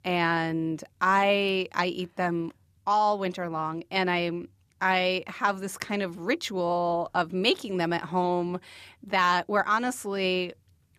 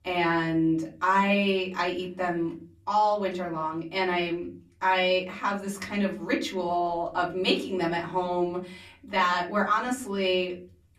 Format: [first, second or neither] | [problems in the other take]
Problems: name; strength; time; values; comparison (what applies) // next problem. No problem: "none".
first | off-mic speech; far // room echo; very slight; dies away in 0.3 s